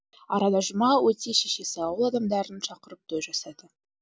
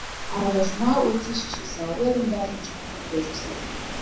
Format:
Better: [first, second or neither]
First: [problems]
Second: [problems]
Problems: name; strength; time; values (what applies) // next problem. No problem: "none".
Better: first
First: none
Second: background sound (Rain / Thunderstorm); 6 dB below the speech // room echo; dies away in 0.6 s